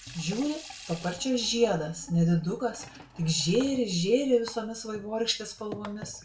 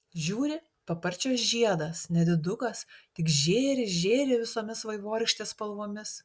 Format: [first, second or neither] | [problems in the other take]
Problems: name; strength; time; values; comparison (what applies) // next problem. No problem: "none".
second | background sound (Sink (filling or washing) / Water tap, faucet); 18 dB below the speech // room echo; dies away in 0.3 s